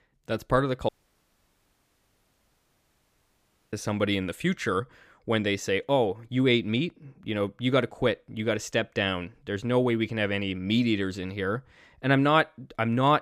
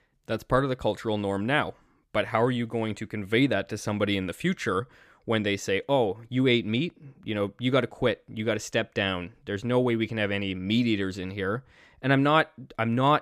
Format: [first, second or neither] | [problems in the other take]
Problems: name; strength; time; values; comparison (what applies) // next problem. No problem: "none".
second | audio cutting out; at 1 s for 3 s